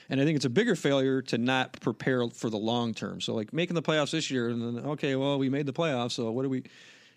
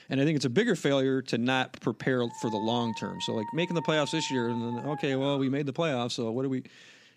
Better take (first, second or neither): first